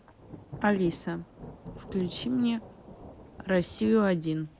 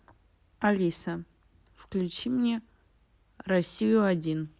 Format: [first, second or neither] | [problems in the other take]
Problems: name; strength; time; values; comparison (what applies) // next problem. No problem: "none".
second | background sound (Thunder / Rain); 16 dB below the speech